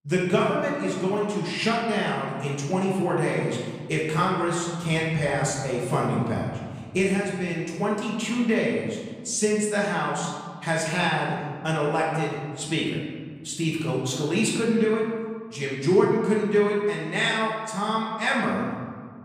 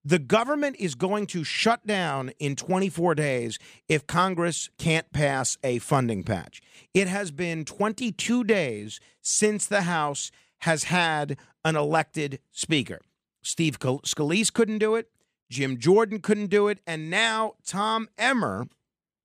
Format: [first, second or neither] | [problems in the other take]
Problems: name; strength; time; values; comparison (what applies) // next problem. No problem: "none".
second | room echo; noticeable; dies away in 1.6 s // off-mic speech; far